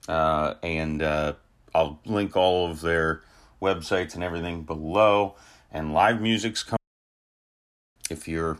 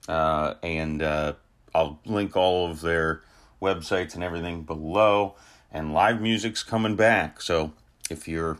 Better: second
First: audio cutting out; at 7 s for 1 s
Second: none

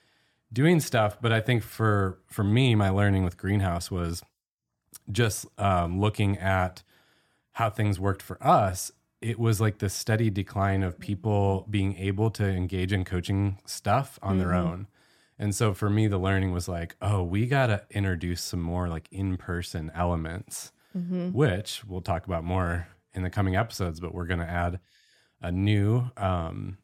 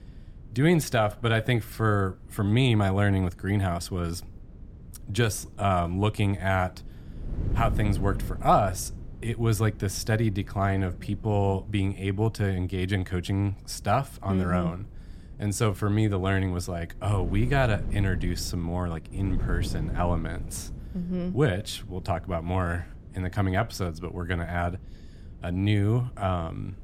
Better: first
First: none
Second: wind noise on the microphone; occasional gusts; 20 dB below the speech

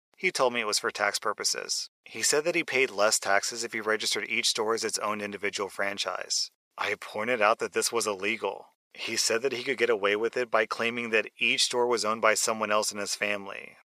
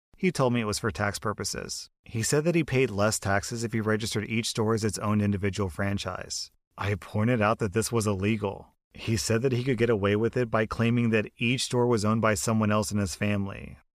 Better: second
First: thin; very; fading below 550 Hz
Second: none

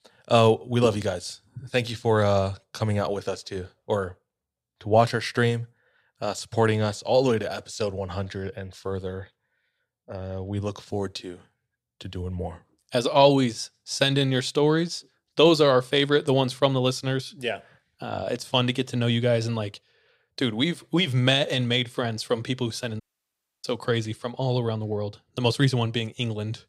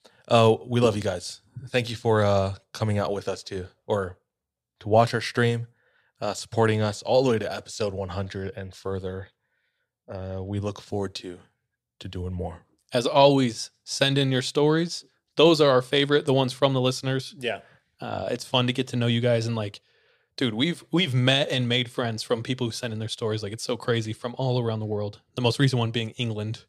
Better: second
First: audio cutting out; at 23 s for 0.5 s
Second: none

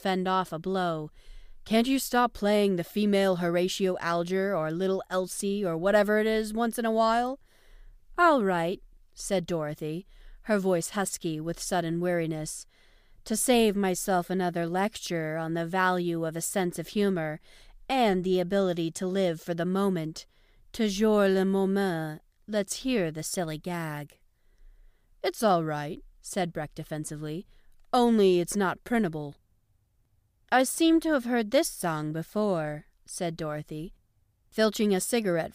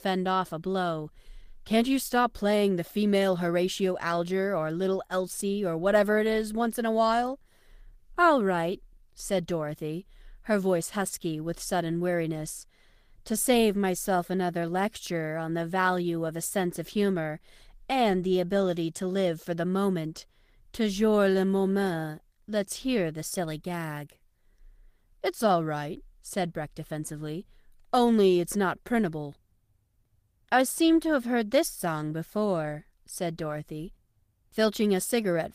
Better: first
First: none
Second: garbled, watery; slightly; nothing above 15 kHz

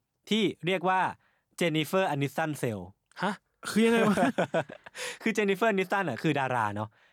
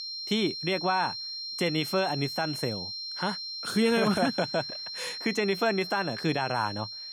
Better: first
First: none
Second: high-pitched whine; loud; throughout; 4 kHz, 6 dB below the speech

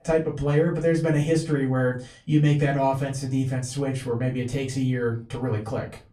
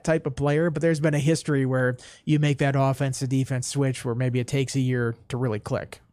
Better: second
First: off-mic speech; far // room echo; very slight; dies away in 0.3 s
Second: none

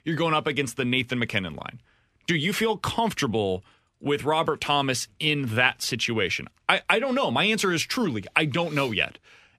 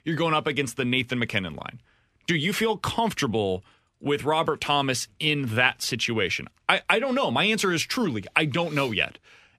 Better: neither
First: none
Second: none

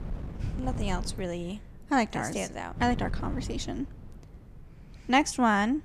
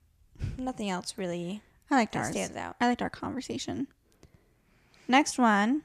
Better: second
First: wind noise on the microphone; occasional gusts; 20 dB below the speech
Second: none

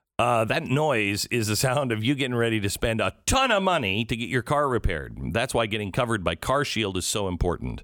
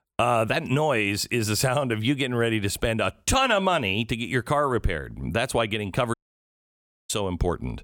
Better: first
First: none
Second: audio cutting out; at 6 s for 1 s

